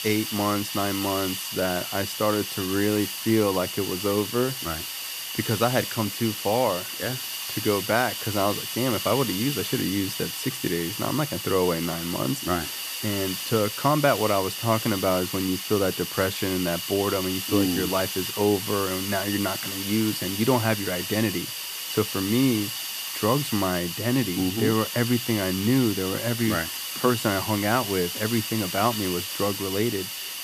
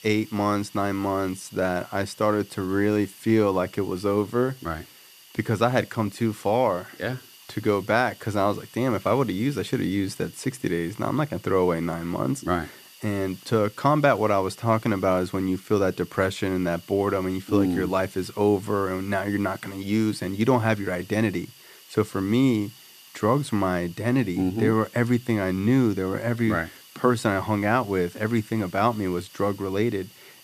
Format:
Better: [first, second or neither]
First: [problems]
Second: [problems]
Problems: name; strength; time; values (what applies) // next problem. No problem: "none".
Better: second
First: hiss; loud; throughout; 4 dB below the speech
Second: hiss; faint; throughout; 20 dB below the speech